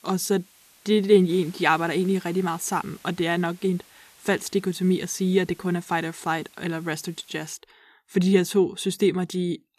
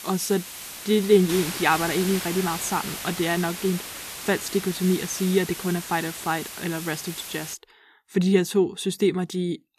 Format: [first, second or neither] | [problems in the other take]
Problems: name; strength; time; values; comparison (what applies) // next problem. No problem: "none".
first | hiss; loud; until 7.5 s; 8 dB below the speech; faint in the first